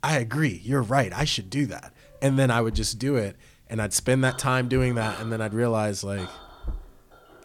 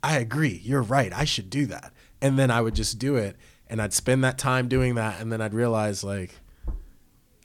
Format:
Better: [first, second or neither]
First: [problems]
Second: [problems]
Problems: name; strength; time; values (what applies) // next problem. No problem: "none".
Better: second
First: household noises; noticeable; throughout; 20 dB below the speech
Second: none